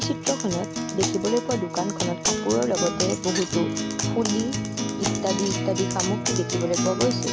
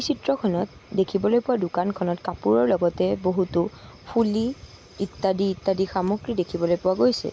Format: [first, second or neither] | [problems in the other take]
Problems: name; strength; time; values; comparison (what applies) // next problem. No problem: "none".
second | background sound (Acoustic guitar); as loud as the speech